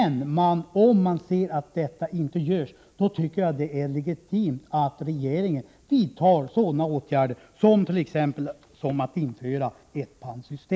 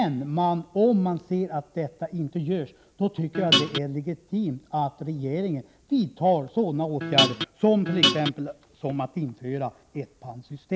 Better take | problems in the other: first | background sound (Guitar); 4 dB above the speech

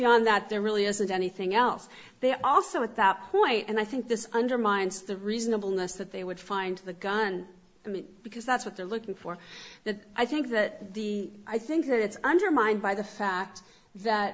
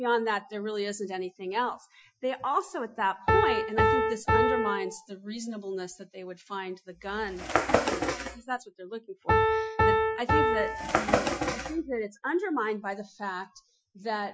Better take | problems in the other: first | noise reduction (classical method Wiener filter)

